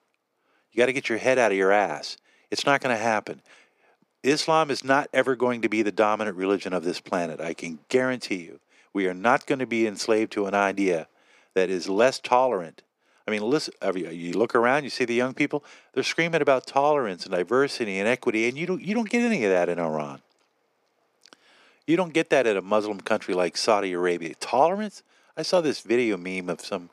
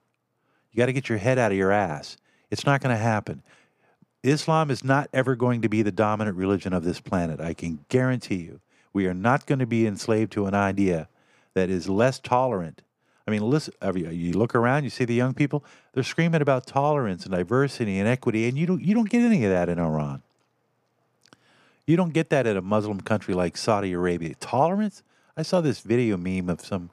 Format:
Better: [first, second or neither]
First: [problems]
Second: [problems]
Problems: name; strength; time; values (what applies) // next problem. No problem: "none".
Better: second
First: thin; somewhat; fading below 350 Hz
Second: none